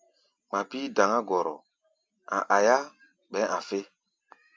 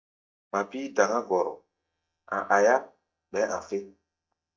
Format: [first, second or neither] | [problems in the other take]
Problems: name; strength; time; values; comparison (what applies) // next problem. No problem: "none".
first | noise reduction (neural mask model DeepFilterNet 3)